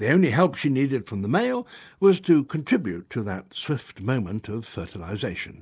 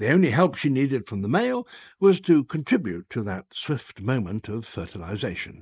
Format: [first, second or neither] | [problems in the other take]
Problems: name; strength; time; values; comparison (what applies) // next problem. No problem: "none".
first | noise reduction (neural mask model Resemble Enhance denoiser)